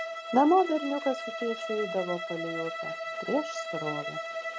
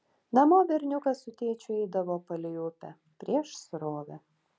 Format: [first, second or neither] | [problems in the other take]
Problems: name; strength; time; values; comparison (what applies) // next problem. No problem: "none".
second | background sound (Bowed string instrument); 6 dB below the speech